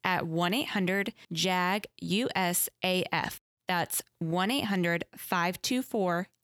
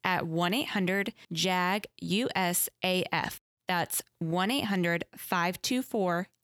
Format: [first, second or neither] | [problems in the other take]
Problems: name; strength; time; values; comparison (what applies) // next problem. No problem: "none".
neither | none